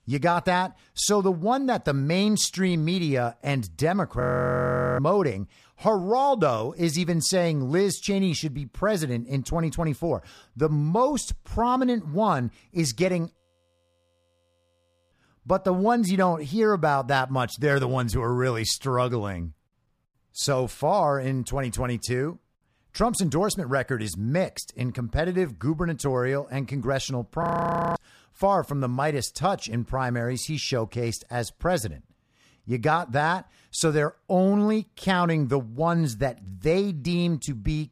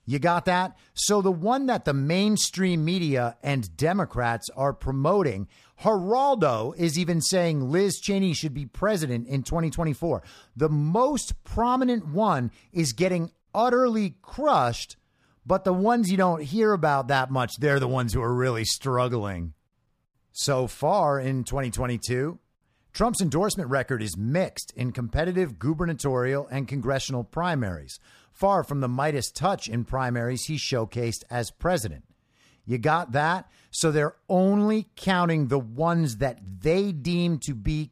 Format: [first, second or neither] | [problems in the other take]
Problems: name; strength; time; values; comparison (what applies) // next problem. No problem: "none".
second | audio freezing; at 4 s for 1 s, at 13 s for 2 s and at 27 s for 0.5 s